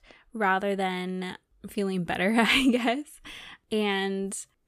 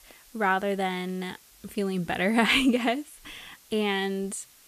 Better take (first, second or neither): first